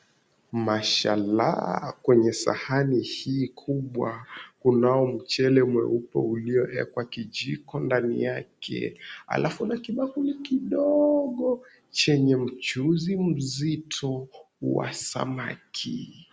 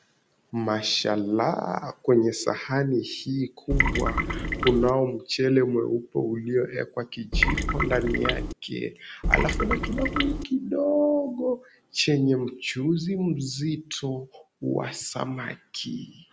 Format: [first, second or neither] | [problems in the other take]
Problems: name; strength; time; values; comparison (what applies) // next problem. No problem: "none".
first | background sound (Trickle, dribble / Water tap, faucet); 1 dB above the speech